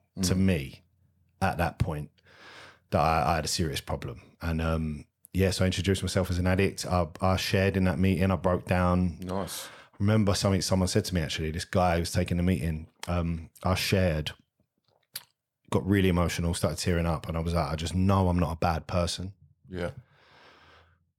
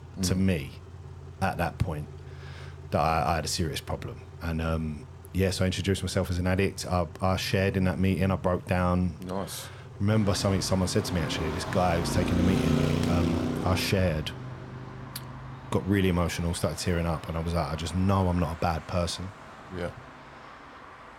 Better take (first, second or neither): first